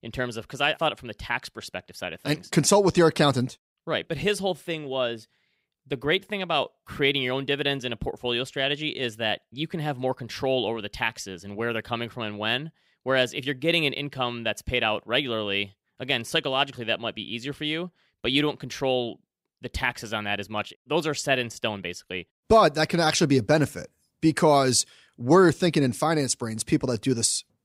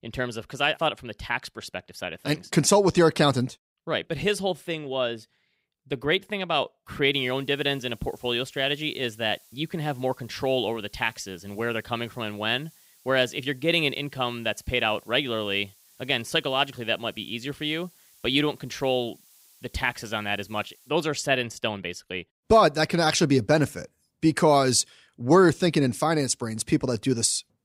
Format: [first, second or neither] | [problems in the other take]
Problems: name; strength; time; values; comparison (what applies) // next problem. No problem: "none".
first | hiss; faint; from 7 to 21 s; 30 dB below the speech